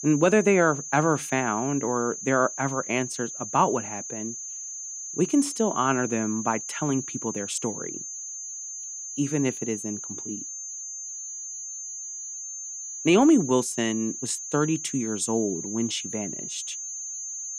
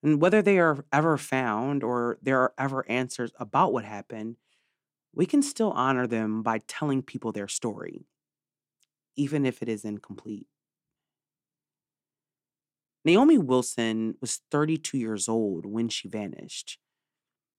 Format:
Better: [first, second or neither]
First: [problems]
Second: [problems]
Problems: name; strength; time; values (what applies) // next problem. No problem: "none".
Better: second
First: high-pitched whine; loud; throughout; 6.5 kHz, 8 dB below the speech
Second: none